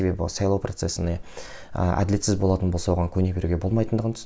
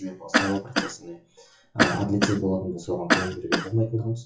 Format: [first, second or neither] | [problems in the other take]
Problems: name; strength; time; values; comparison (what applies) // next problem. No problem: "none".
first | noise reduction (classical method WPE with log-MMSE)